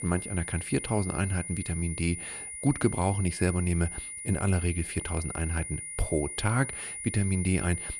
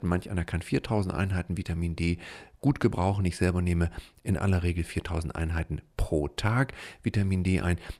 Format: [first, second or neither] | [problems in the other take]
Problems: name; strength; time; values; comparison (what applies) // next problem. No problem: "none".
second | high-pitched whine; loud; throughout; 9.5 kHz, 6 dB below the speech